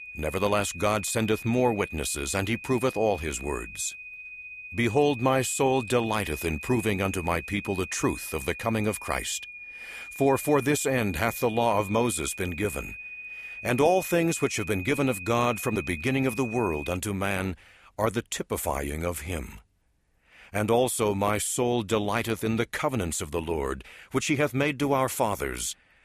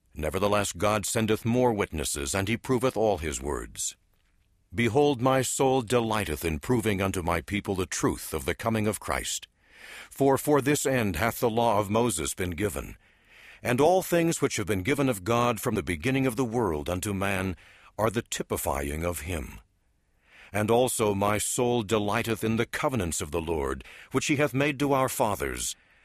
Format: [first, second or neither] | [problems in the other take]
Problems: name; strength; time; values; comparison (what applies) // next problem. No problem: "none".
second | high-pitched whine; noticeable; until 17 s; 2.5 kHz, 10 dB below the speech